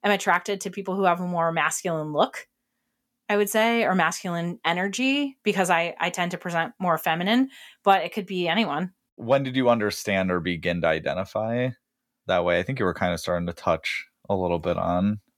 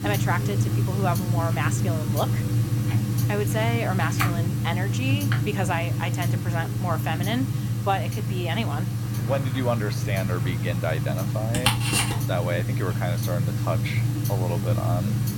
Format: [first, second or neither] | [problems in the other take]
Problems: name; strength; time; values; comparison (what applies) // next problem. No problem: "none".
first | household noises; very loud; throughout; 5 dB above the speech